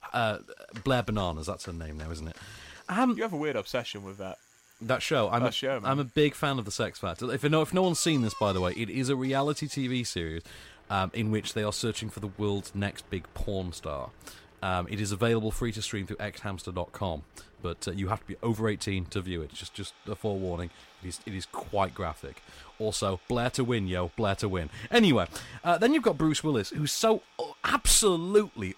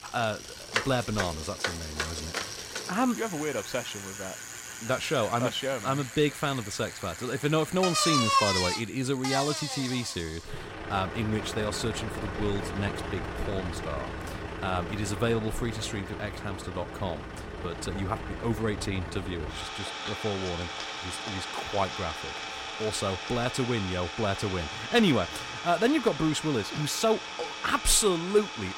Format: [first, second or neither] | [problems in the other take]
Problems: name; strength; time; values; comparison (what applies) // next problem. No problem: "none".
first | traffic noise; loud; throughout; 5 dB below the speech; faint in the first